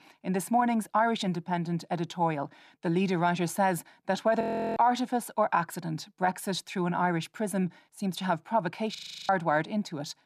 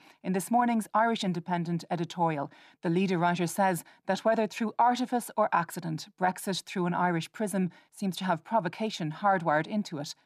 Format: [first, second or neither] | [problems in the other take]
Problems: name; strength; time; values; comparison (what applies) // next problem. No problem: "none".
second | audio freezing; at 4.5 s and at 9 s